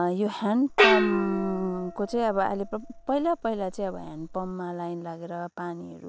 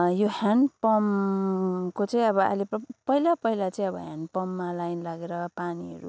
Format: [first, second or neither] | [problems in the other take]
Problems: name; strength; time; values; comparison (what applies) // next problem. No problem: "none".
second | background sound (Gong); 1 dB below the speech